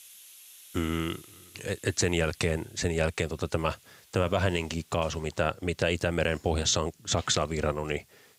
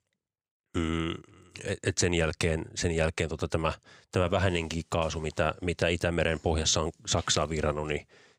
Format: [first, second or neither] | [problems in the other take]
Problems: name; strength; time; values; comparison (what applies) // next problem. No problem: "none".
second | hiss; faint; throughout; 25 dB below the speech